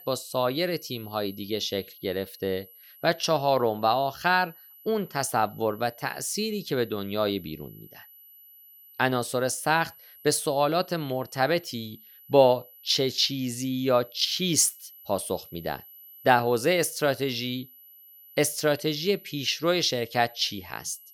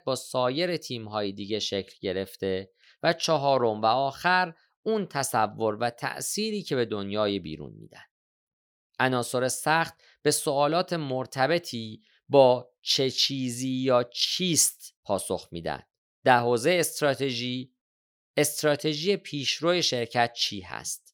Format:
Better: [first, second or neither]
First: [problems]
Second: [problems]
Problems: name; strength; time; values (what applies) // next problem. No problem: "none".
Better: second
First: high-pitched whine; faint; throughout; 12 kHz, 20 dB below the speech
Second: none